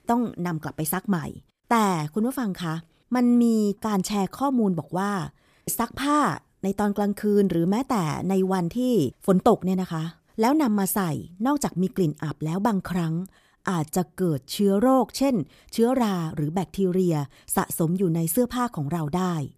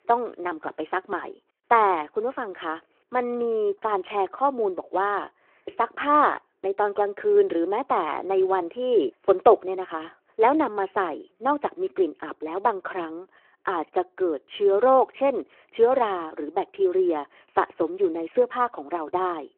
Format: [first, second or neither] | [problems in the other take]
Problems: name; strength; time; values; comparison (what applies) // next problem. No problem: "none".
first | phone-call audio